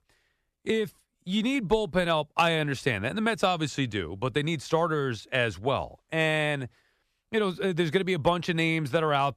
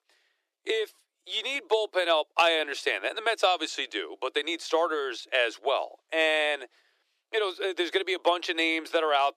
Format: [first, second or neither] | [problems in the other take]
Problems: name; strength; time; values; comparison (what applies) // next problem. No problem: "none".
first | thin; very; fading below 300 Hz